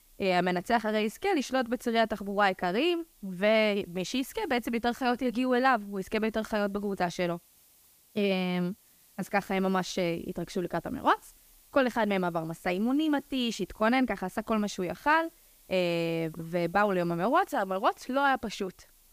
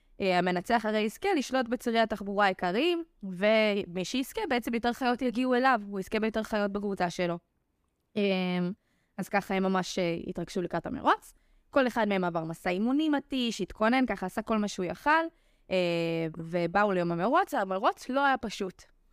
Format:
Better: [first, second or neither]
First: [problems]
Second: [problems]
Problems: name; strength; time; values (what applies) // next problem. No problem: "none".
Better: second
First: hiss; faint; throughout; 30 dB below the speech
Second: none